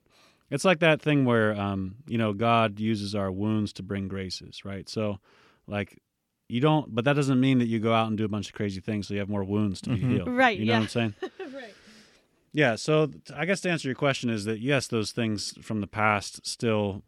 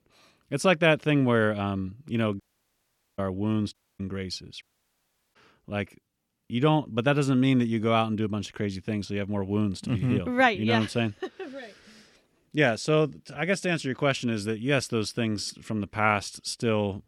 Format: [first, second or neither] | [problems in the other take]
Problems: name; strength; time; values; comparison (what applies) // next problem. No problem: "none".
first | audio cutting out; at 2.5 s for 1 s, at 3.5 s and at 4.5 s for 0.5 s